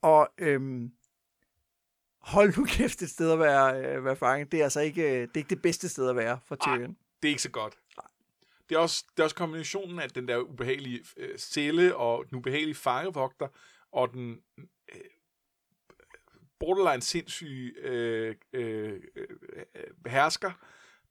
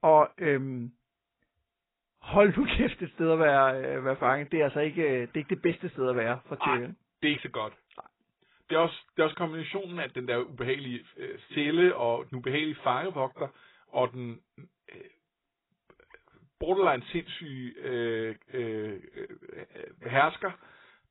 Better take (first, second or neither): first